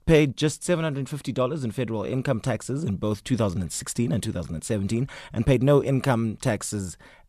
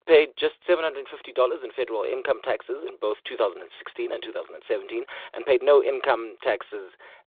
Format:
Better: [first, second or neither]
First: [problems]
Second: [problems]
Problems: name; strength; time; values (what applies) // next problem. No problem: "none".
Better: first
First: none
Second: phone-call audio